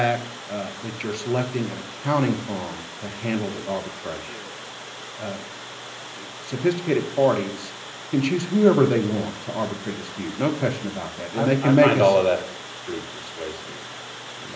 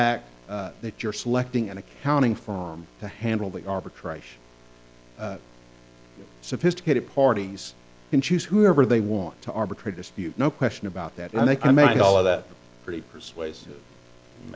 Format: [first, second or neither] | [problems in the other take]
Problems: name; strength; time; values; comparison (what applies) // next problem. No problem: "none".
second | background sound (Water); 13 dB below the speech // room echo; dies away in 0.5 s